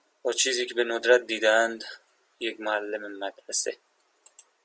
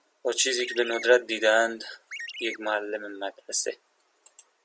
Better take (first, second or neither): first